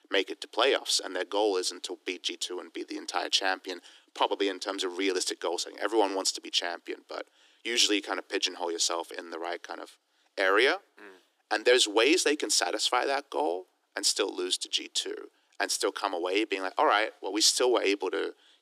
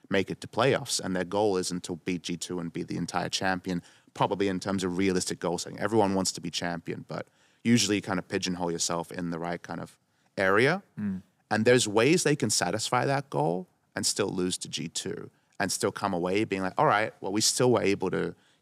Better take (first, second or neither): second